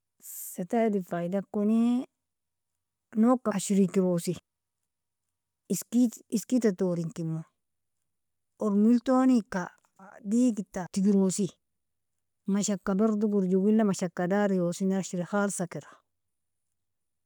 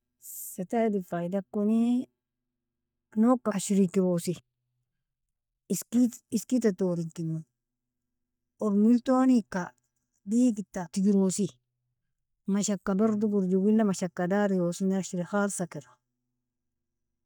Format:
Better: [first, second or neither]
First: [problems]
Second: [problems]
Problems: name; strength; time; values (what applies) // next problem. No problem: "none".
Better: first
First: none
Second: noise reduction (neural mask model DeepFilterNet 3)